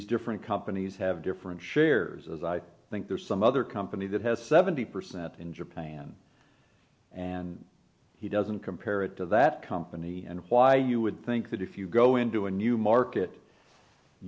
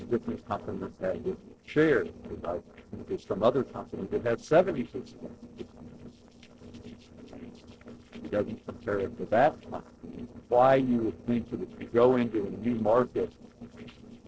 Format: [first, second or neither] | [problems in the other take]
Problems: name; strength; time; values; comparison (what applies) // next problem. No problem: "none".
first | noise reduction (neural separator model SepFormer DNS4)